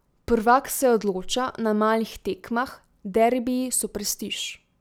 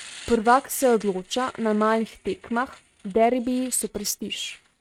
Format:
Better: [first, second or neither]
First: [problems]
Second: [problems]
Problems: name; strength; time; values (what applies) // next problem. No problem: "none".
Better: first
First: none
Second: noise reduction (neural mask model RNNoise)